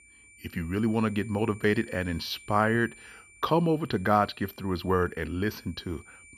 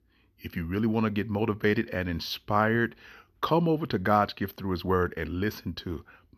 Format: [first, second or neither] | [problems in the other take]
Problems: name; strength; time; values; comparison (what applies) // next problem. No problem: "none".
second | high-pitched whine; faint; throughout; 2.5 kHz, 25 dB below the speech